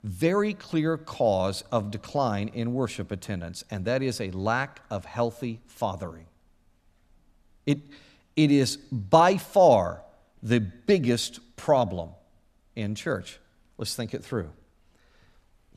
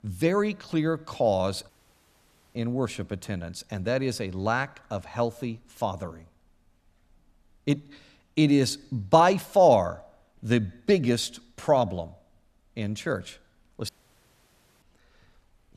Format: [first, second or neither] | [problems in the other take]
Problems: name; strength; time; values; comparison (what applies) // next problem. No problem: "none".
first | audio cutting out; at 1.5 s for 1 s and at 14 s for 1 s